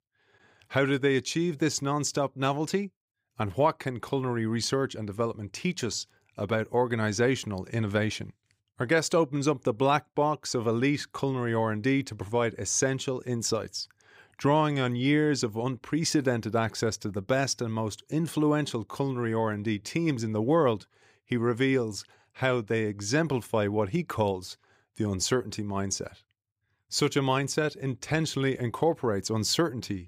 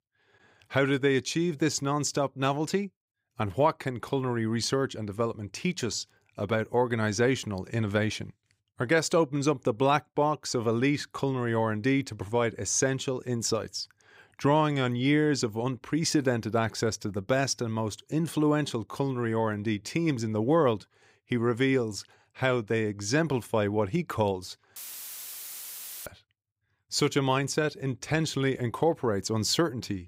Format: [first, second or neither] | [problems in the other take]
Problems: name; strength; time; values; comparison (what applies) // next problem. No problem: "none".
first | audio cutting out; filled with static; at 25 s for 1.5 s